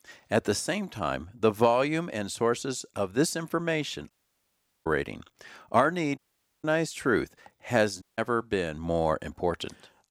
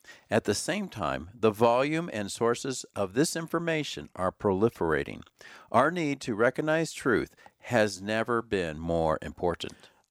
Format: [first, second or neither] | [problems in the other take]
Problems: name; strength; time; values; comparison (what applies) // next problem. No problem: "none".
second | audio cutting out; at 4 s for 1 s, at 6 s and at 8 s